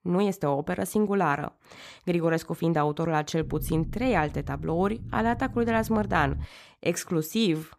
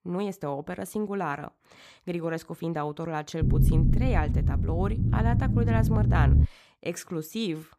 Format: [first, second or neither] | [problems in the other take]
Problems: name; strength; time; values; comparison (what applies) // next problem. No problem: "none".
first | low rumble; loud; from 3.5 to 6.5 s; 4 dB below the speech; faint in the first